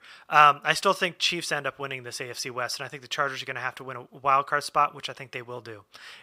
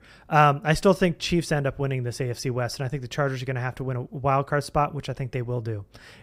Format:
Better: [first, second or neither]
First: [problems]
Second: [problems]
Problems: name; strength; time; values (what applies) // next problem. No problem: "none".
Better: second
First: thin; very; fading below 1 kHz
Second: none